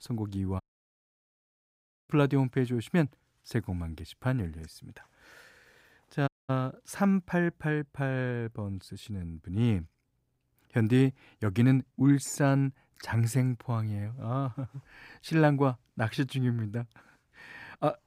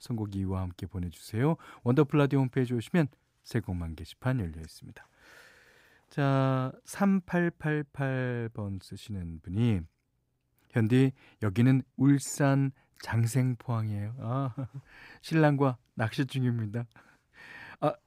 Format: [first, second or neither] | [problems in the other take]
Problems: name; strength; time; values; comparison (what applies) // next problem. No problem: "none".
second | audio cutting out; at 0.5 s for 1.5 s and at 6.5 s